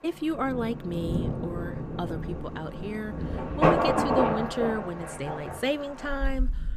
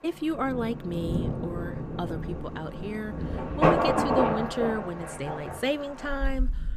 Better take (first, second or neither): neither